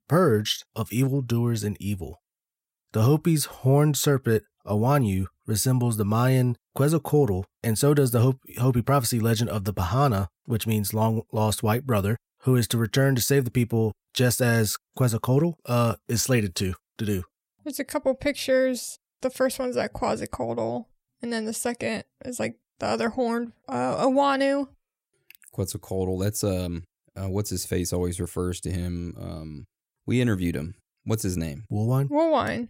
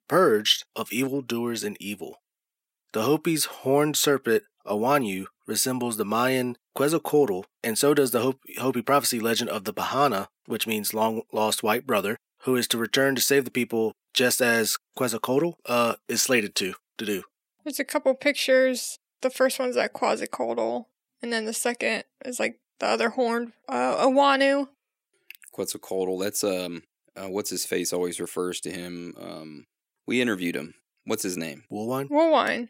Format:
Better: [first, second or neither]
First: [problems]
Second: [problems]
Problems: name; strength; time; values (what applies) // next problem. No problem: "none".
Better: first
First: none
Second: thin; somewhat; fading below 250 Hz